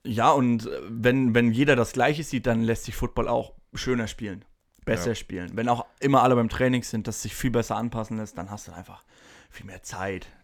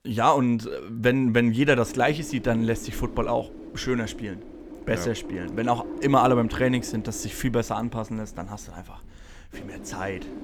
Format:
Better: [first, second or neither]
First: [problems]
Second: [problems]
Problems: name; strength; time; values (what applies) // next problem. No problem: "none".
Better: first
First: none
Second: wind noise on the microphone; occasional gusts; from 2 s on; 15 dB below the speech